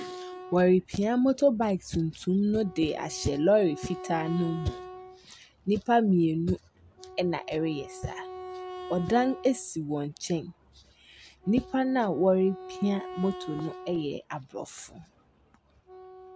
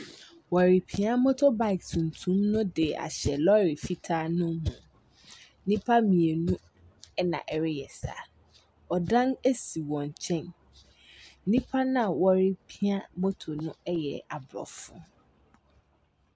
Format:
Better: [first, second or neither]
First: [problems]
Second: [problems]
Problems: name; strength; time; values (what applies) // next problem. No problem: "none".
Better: second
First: background sound (Wind instrument, woodwind instrument); 16 dB below the speech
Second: none